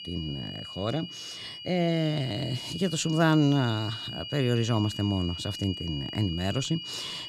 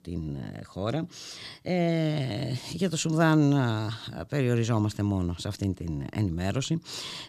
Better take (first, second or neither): second